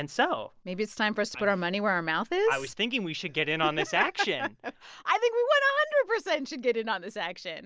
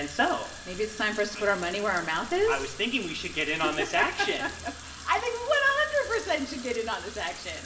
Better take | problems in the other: first | background sound (Sink (filling or washing) / Water tap, faucet); 14 dB below the speech // room echo; dies away in 0.8 s

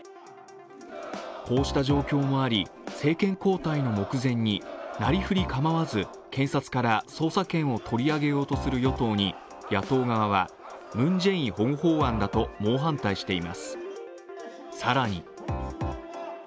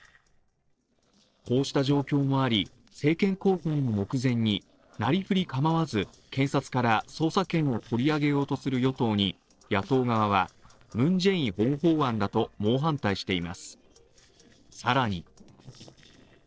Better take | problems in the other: first | noise reduction (neural separator model SepFormer DNS4)

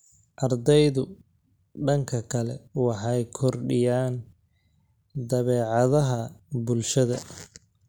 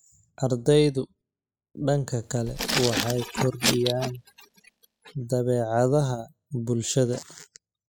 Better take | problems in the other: first | noise reduction (classical method spectral subtraction)

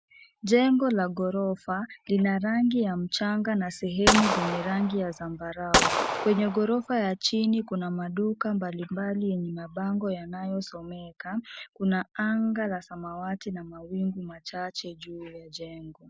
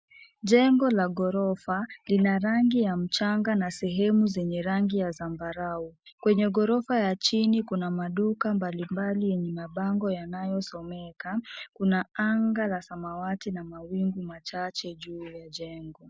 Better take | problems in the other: second | background sound (Gunshot, gunfire); as loud as the speech

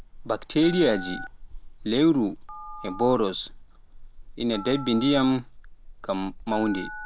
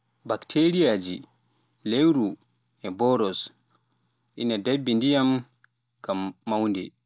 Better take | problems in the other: second | background sound (Telephone); 13 dB below the speech

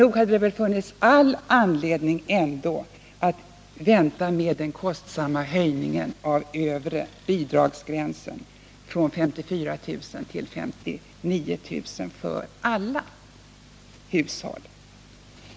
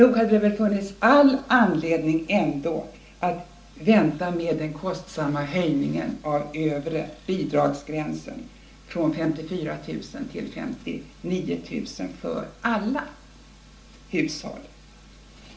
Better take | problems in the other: first | room echo; dies away in 0.4 s

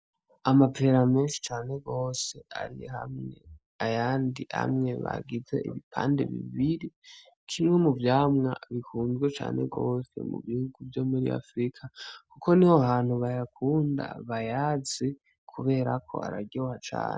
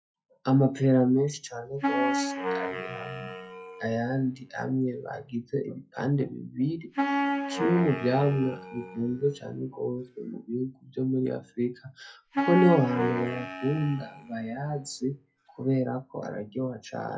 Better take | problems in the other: first | noise reduction (classical method WPE with log-MMSE)

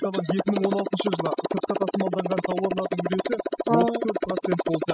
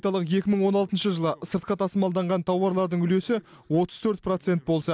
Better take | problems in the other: second | noise reduction (classical method spectral subtraction)

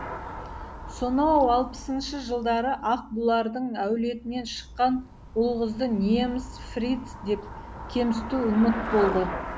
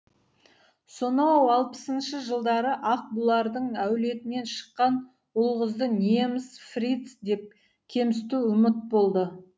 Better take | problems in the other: second | background sound (Traffic noise, roadway noise / Bicycle); 11 dB below the speech

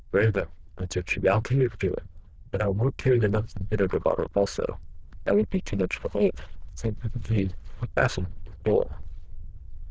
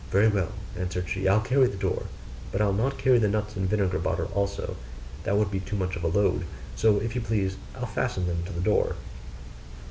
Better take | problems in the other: second | noise reduction (neural diffusion model UNIVERSE++)

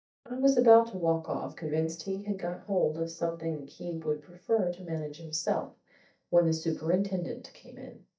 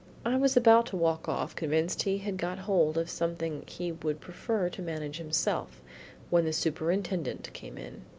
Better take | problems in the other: second | noise reduction (neural mask model DeepFilterNet 3)

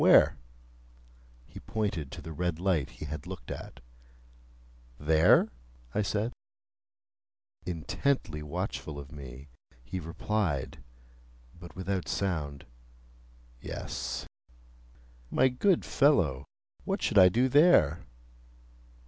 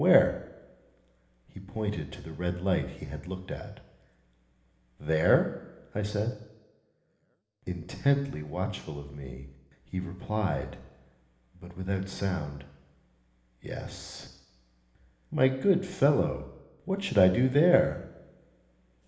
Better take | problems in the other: first | room echo; dies away in 1.1 s

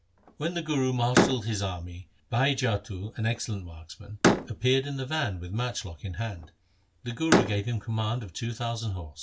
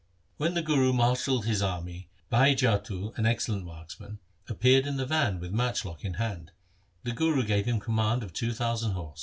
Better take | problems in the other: second | background sound (Slam); 2 dB below the speech

